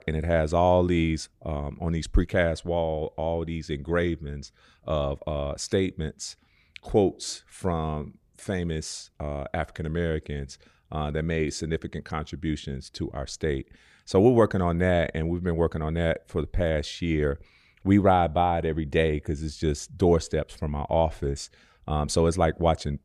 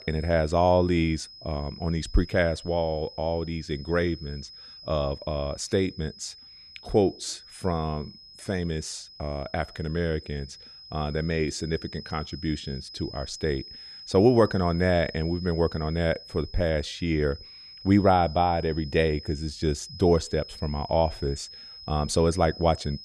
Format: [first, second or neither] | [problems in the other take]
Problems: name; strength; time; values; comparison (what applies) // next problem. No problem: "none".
first | high-pitched whine; noticeable; throughout; 5 kHz, 15 dB below the speech